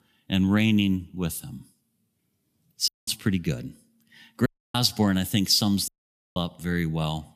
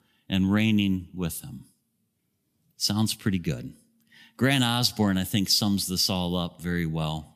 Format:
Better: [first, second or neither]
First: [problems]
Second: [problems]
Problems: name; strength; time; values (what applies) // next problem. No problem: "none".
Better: second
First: audio cutting out; at 3 s, at 4.5 s and at 6 s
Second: none